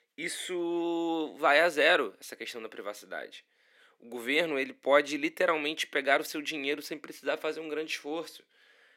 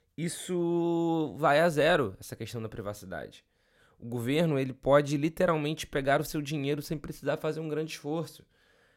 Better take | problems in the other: second | thin; somewhat; fading below 300 Hz

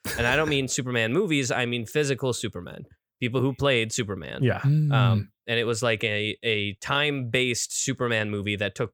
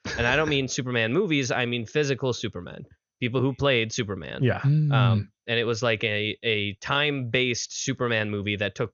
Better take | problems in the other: first | garbled, watery; slightly; nothing above 6.5 kHz

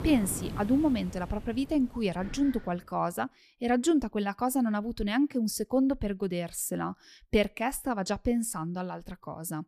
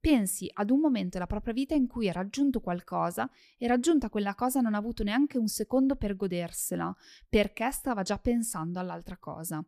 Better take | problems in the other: second | wind in the background; noticeable; until 2.5 s; 15 dB below the speech

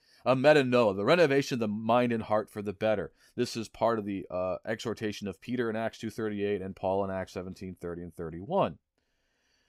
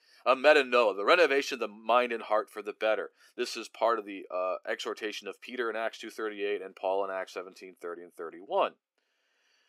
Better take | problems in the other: first | thin; somewhat; fading below 350 Hz

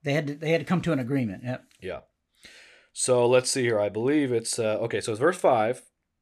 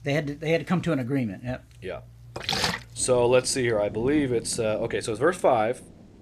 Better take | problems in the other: first | rain or running water; loud; throughout; 8 dB below the speech

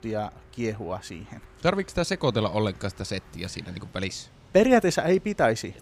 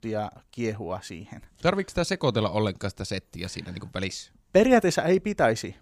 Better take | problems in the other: second | traffic noise; faint; throughout; 25 dB below the speech

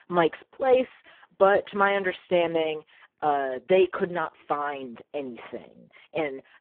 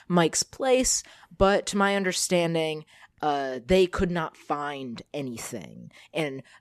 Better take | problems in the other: second | phone-call audio; poor line

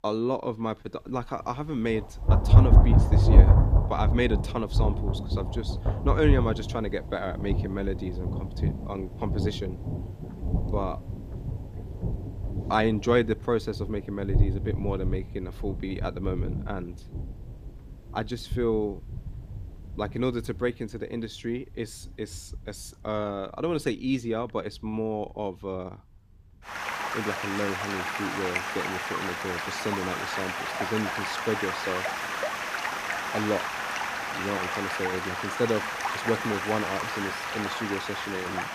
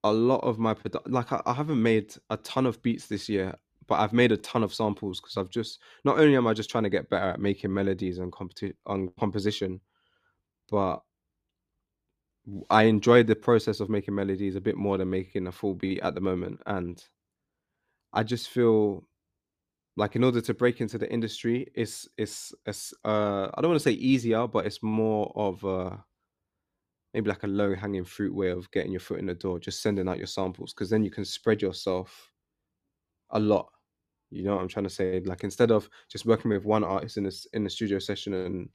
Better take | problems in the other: second | rain or running water; very loud; throughout; 3 dB above the speech

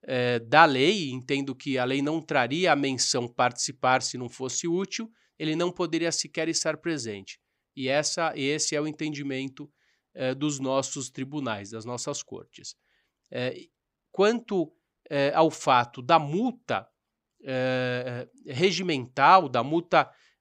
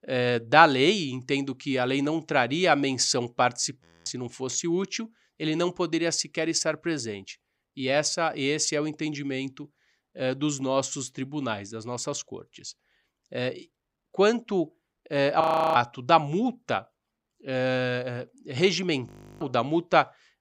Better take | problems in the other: first | audio freezing; at 4 s, at 15 s and at 19 s

